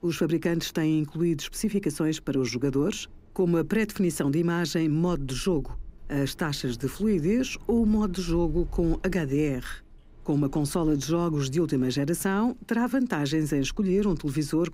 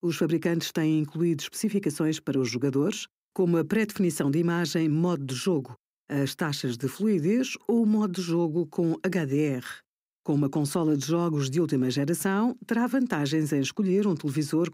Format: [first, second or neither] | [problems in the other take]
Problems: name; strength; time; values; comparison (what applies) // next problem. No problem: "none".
second | wind in the background; faint; throughout; 20 dB below the speech